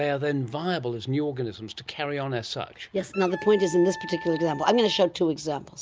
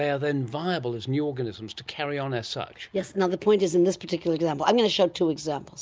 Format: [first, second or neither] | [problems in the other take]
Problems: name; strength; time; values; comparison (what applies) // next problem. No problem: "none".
second | background sound (Wind instrument, woodwind instrument); 13 dB below the speech